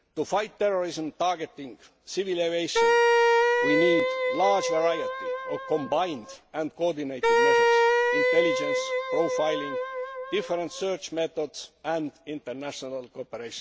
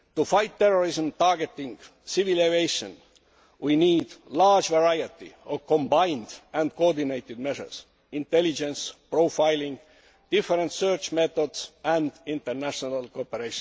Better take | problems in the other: second | background sound (Wind instrument, woodwind instrument); 5 dB above the speech

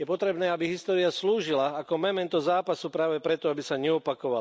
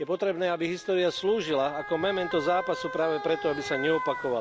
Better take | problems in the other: first | background sound (Motor vehicle (road) / Siren); 10 dB below the speech

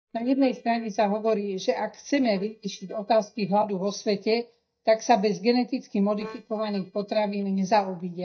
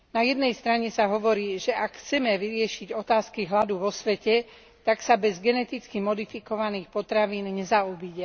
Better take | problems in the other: second | noise reduction (neural mask model DeepFilterNet 3)

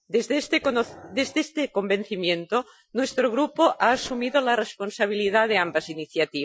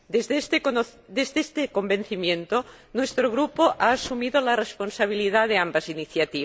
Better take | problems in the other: second | noise reduction (classical method Wiener filter)

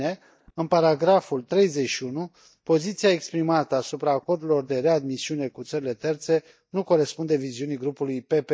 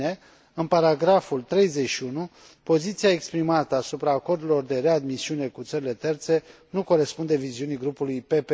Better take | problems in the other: second | noise reduction (neural mask model DeepFilterNet 3)

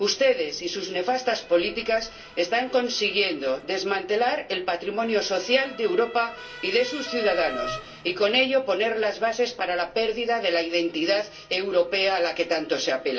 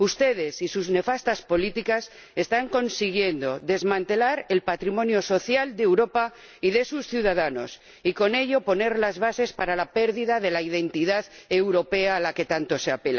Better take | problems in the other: second | background sound (Motor vehicle (road) / Siren); 17 dB below the speech // room echo; dies away in 0.2 s

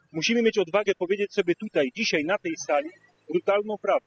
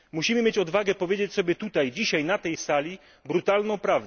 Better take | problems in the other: second | noise reduction (classical method spectral subtraction)

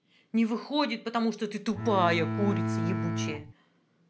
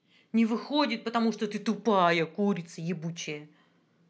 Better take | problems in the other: second | background sound (Bowed string instrument); 1 dB below the speech

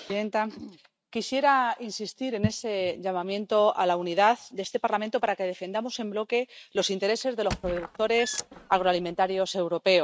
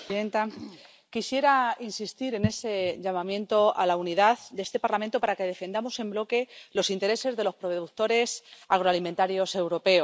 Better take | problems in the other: second | noise reduction (neural mask model RNNoise)

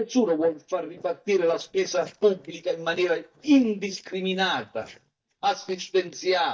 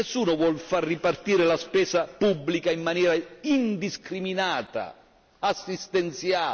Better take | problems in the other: second | noise reduction (neural mask model DeepFilterNet 3)

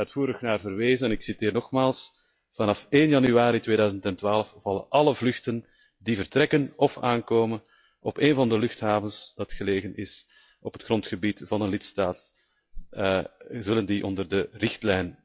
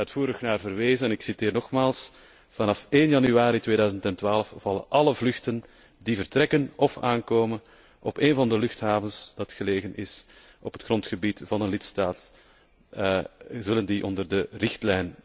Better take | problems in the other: second | noise reduction (classical method log-MMSE)

